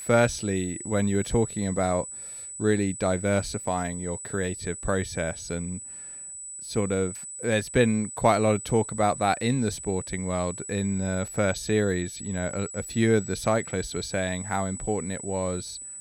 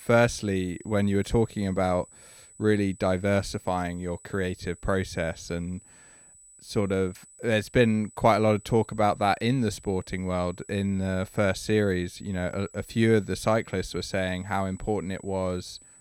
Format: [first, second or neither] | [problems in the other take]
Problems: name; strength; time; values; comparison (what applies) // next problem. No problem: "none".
second | high-pitched whine; loud; throughout; 8 kHz, 9 dB below the speech; faint in the second